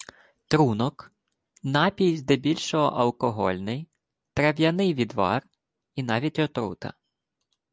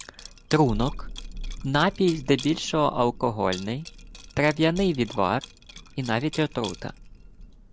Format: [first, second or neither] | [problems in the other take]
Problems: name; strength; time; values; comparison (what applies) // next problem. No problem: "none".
first | background sound (Liquid + Thunder); 13 dB below the speech